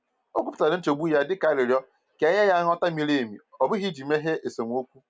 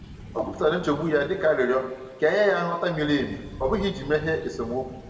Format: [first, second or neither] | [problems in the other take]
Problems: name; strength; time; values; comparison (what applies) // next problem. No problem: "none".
first | background sound (Thunder / Rain); 16 dB below the speech // room echo; dies away in 1.4 s